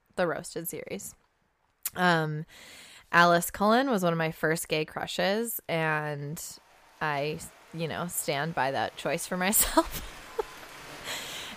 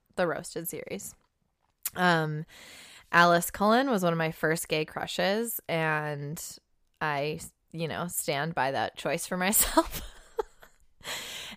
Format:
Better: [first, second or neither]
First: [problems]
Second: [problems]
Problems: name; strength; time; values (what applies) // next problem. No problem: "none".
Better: second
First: crowd noise; faint; throughout; 20 dB below the speech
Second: none